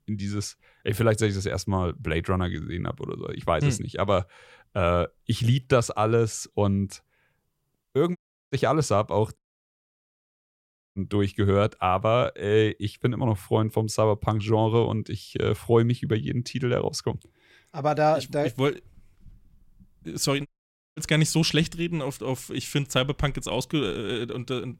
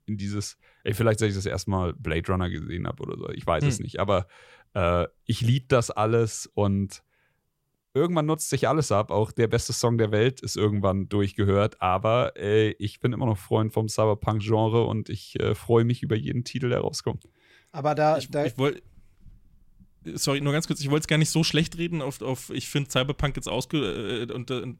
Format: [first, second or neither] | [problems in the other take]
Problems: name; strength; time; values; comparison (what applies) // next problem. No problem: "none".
second | audio cutting out; at 8 s, at 9.5 s for 1.5 s and at 20 s for 0.5 s